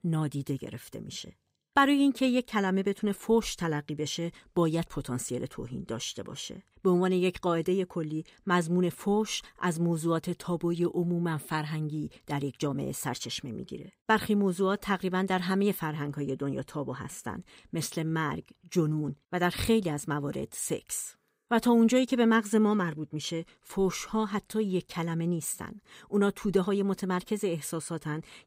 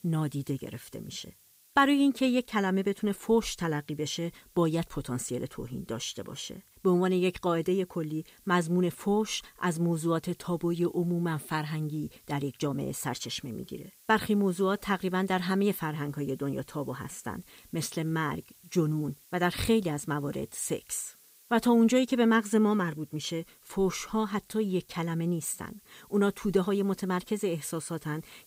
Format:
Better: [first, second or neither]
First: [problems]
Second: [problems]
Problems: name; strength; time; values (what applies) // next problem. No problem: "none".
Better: first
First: none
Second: hiss; faint; throughout; 25 dB below the speech